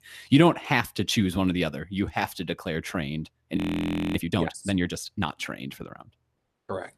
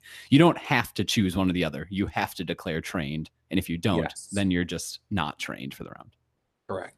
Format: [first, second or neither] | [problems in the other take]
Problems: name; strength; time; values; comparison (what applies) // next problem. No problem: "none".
second | audio freezing; at 3.5 s for 0.5 s